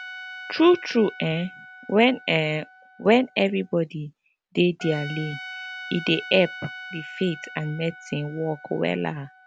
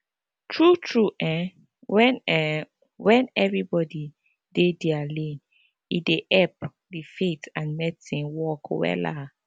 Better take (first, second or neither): second